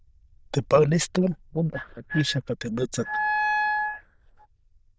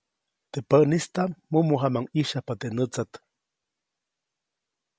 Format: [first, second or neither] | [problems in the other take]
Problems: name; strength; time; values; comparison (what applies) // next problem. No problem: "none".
second | noise reduction (neural diffusion model UNIVERSE++)